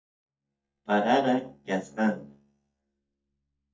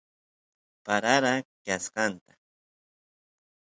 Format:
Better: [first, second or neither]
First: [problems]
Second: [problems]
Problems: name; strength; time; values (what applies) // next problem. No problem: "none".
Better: second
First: noise reduction (neural mask model DeepFilterNet 3)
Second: none